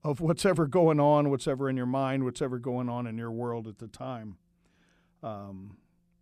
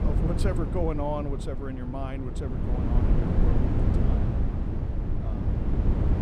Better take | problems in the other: first | wind noise on the microphone; heavy; 2 dB below the speech

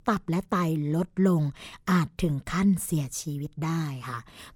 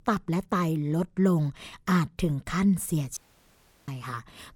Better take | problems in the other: first | audio cutting out; at 3 s for 0.5 s

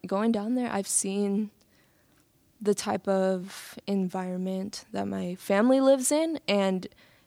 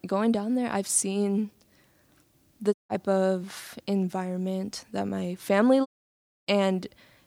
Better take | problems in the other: first | audio cutting out; at 2.5 s and at 6 s for 0.5 s

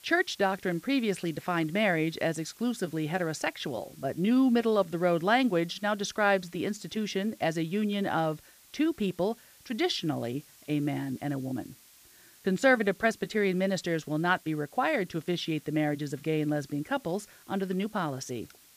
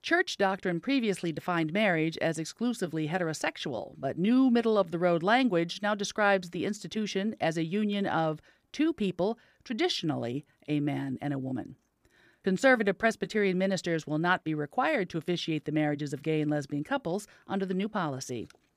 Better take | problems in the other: second | hiss; faint; throughout; 25 dB below the speech

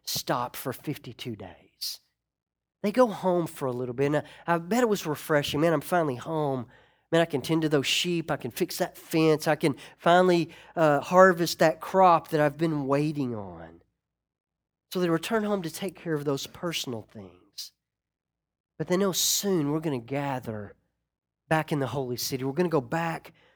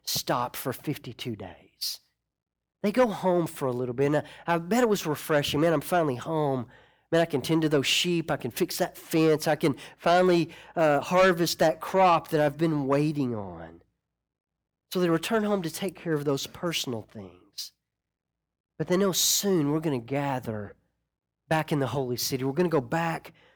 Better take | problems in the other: first | distortion; slight; 10 dB below the speech

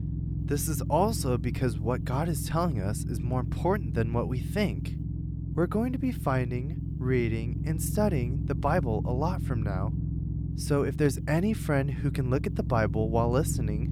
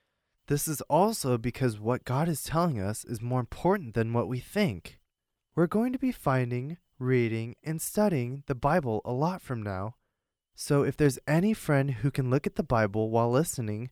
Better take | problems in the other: second | low rumble; noticeable; throughout; 10 dB below the speech

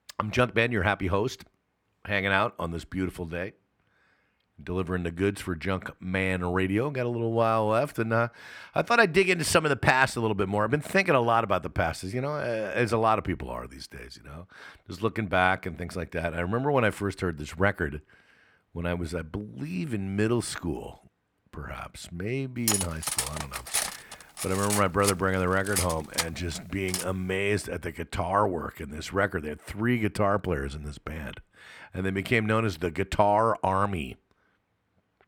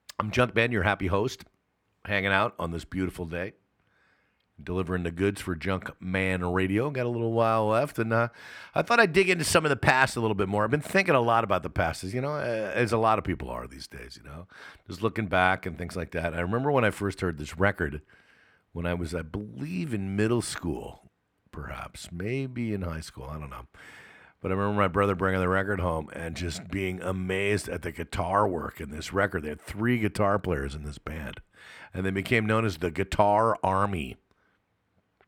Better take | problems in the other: second | clattering dishes; loud; from 23 to 27 s; peak 1 dB above the speech

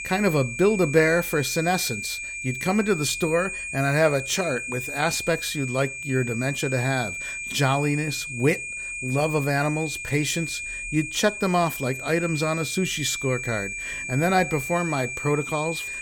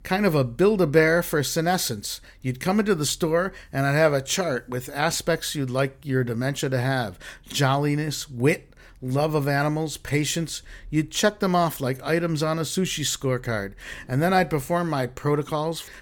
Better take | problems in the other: second | high-pitched whine; loud; throughout; 2.5 kHz, 6 dB below the speech

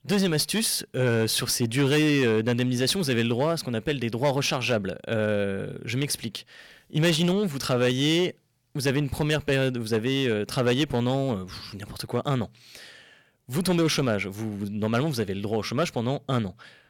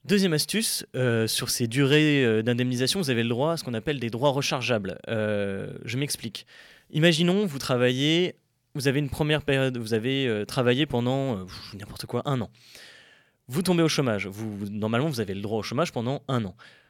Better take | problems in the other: second | distortion; slight; 7% of the sound clipped

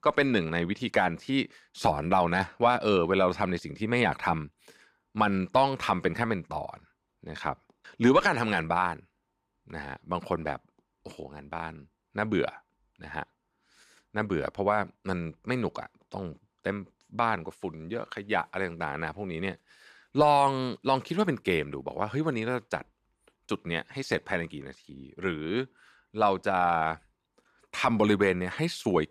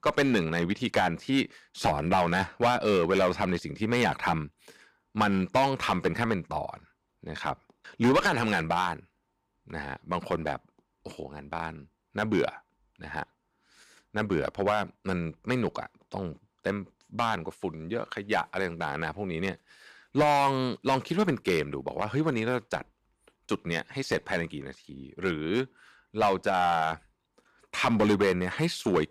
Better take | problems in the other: first | distortion; slight; 3% of the sound clipped

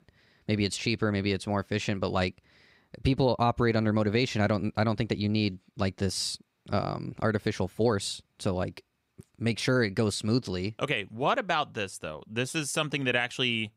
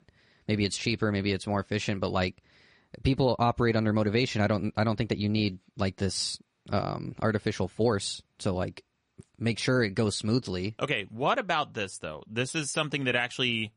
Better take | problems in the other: first | garbled, watery; slightly; nothing above 10.5 kHz

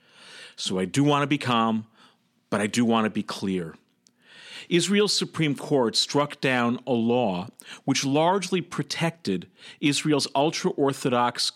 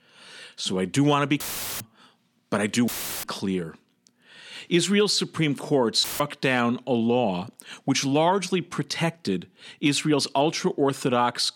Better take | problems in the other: first | audio cutting out; filled with static; at 1.5 s, at 3 s and at 6 s

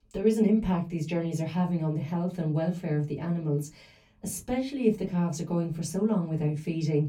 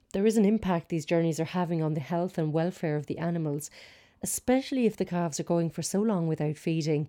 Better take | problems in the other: second | off-mic speech; far // room echo; very slight; dies away in 0.2 s

